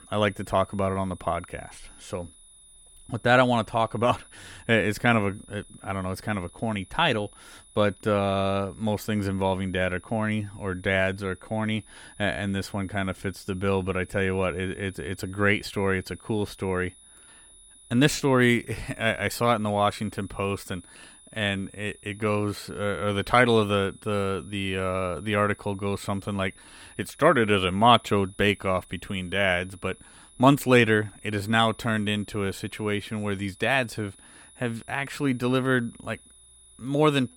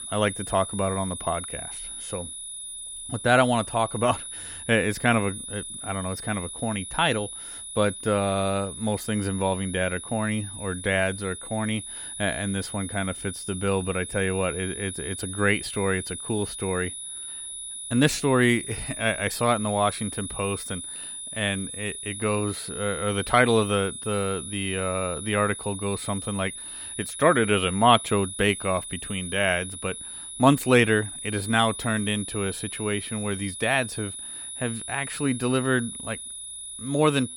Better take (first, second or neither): first